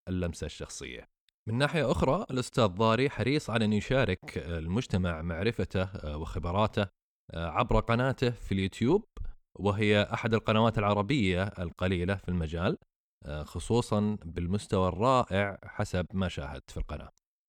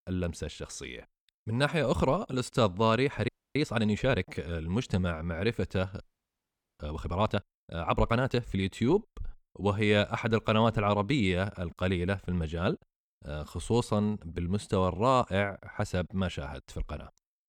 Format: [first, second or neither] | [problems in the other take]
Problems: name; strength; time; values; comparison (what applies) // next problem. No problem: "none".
first | audio freezing; at 3.5 s and at 6 s for 1 s